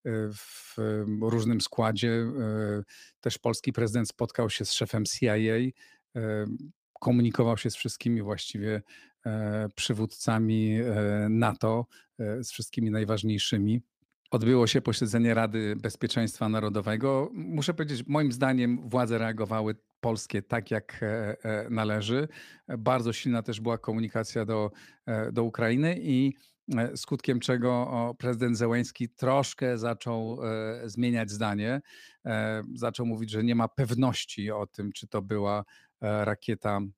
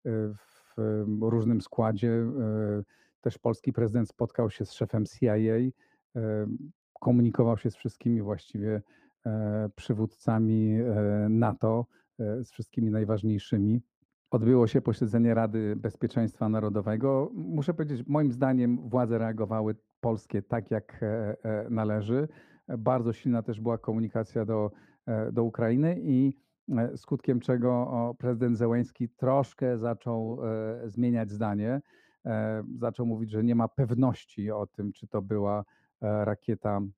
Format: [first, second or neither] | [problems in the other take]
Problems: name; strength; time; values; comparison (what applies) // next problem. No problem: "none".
first | muffled; very; fading above 1.5 kHz